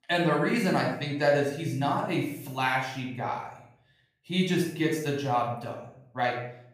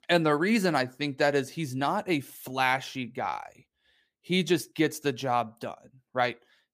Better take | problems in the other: second | room echo; noticeable; dies away in 0.6 s // off-mic speech; far

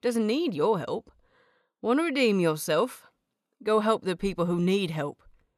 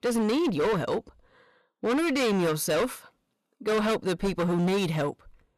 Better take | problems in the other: first | distortion; heavy; 21% of the sound clipped

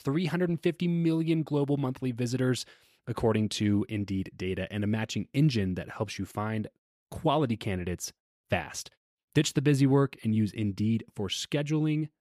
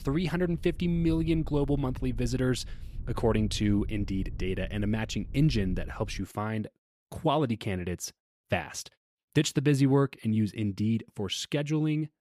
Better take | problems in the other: first | low rumble; faint; until 6 s; 25 dB below the speech

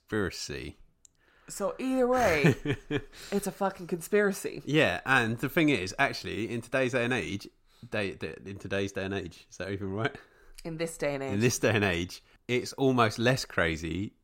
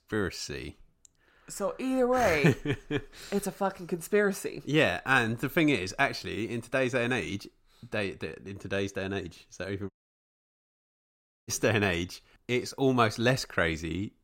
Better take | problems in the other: first | audio cutting out; at 10 s for 1.5 s

